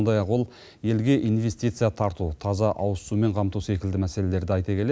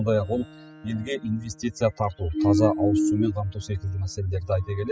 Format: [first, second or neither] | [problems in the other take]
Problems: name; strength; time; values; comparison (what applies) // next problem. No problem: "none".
first | noise reduction (classical method spectral subtraction)